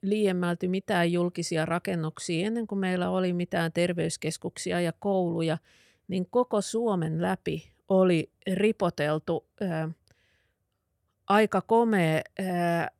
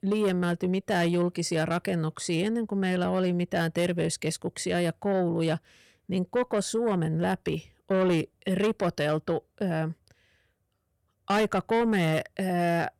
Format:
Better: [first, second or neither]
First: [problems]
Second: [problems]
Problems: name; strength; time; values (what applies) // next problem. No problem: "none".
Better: first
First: none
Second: distortion; slight; 10 dB below the speech